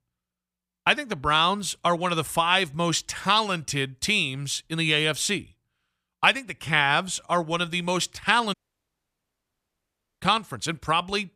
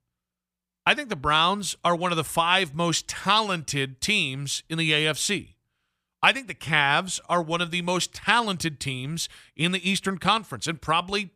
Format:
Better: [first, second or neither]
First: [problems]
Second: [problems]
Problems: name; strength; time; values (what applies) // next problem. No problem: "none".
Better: second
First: audio cutting out; at 8.5 s for 1.5 s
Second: none